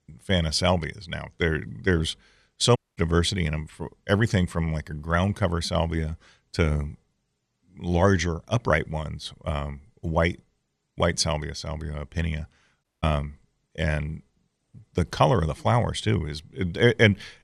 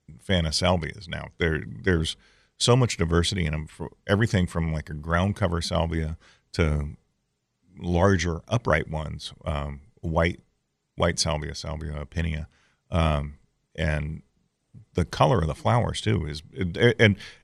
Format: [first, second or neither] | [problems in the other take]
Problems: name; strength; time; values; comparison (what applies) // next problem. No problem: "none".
second | audio cutting out; at 3 s and at 13 s